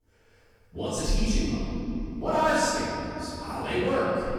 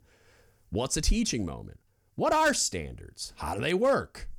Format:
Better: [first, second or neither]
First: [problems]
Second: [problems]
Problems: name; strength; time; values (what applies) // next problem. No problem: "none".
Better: second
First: off-mic speech; far // room echo; strong; dies away in 3 s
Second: none